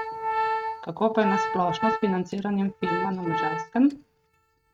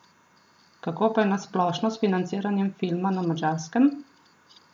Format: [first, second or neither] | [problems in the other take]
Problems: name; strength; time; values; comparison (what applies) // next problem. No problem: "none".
second | noise reduction (neural mask model RNNoise)